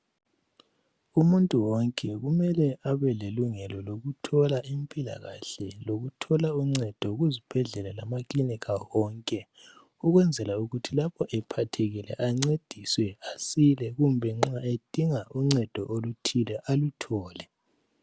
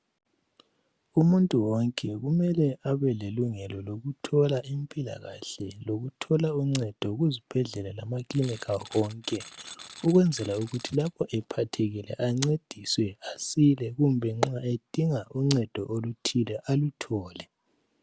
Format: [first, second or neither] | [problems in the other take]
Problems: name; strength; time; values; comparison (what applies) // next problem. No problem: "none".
first | background sound (Tools); 18 dB below the speech